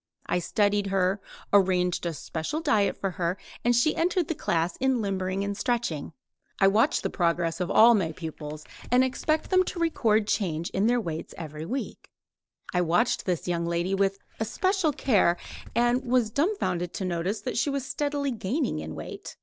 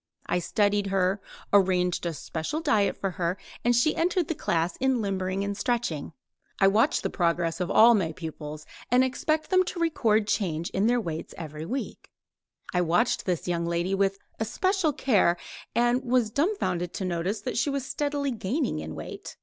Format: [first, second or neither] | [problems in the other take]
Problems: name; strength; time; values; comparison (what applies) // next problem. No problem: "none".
second | noise reduction (neural separator model SepFormer DNS4)